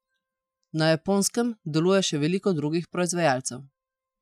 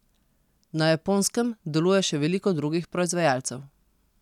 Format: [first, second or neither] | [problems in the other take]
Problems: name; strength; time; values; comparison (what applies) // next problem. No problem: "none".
second | noise reduction (classical method Wiener filter)